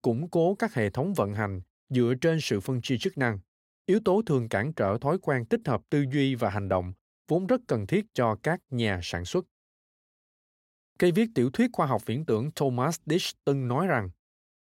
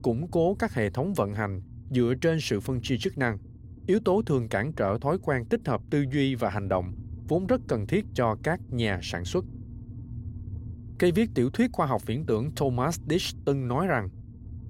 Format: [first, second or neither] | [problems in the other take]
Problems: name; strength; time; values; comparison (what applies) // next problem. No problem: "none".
first | low rumble; faint; throughout; 25 dB below the speech